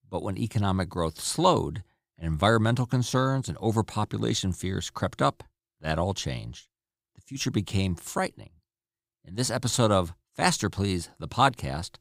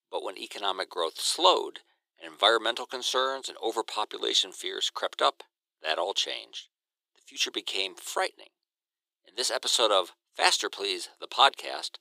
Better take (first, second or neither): first